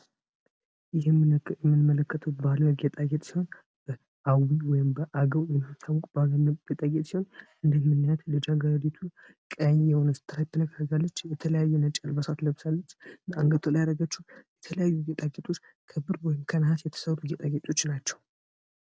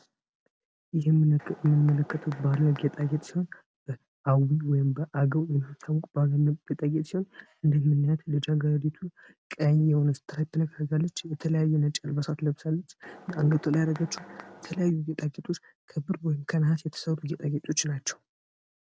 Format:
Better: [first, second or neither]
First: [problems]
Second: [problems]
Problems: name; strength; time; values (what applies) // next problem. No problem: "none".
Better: first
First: none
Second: background sound (Mechanisms); 19 dB below the speech